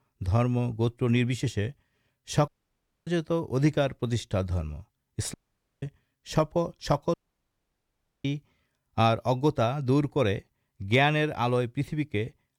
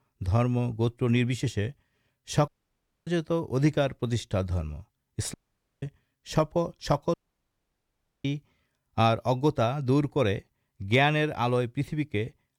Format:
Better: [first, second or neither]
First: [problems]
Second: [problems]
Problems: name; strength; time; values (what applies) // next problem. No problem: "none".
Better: neither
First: audio cutting out; at 2.5 s for 0.5 s, at 5.5 s and at 7 s for 1 s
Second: audio cutting out; at 2.5 s for 0.5 s, at 5.5 s and at 7 s for 1 s